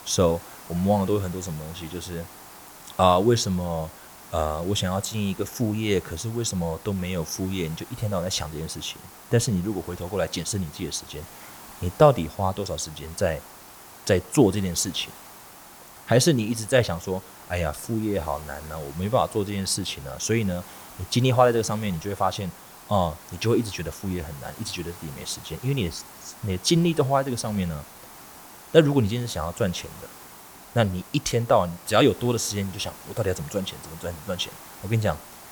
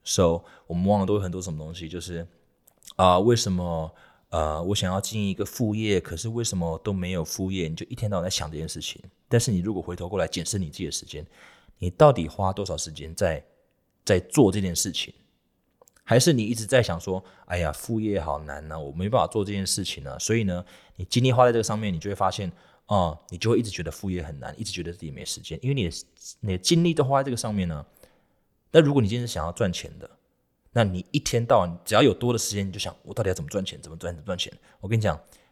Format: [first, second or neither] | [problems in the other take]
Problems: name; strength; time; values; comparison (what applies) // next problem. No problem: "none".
second | hiss; noticeable; throughout; 20 dB below the speech